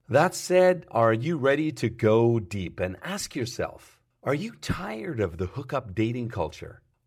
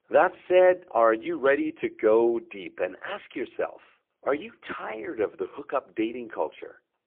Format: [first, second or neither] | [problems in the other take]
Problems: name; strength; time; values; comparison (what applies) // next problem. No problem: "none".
first | phone-call audio; poor line